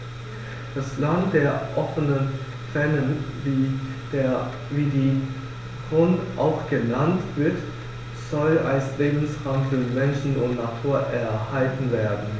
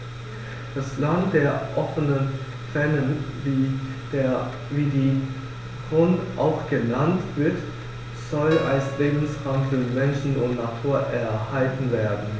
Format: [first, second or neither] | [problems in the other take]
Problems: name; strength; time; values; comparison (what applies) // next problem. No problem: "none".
first | background sound (Acoustic guitar); 15 dB below the speech